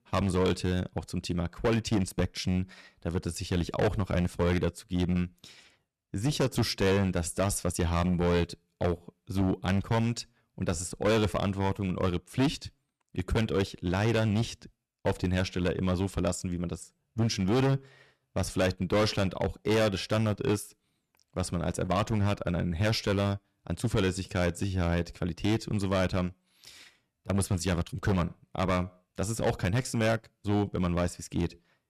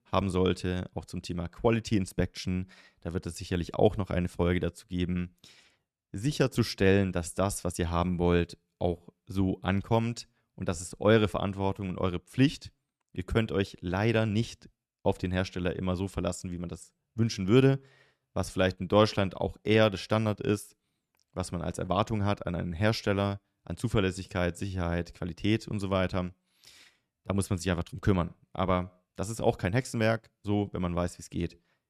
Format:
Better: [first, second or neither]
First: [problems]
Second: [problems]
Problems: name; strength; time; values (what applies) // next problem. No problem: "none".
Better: second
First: distortion; heavy; 9% of the sound clipped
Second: none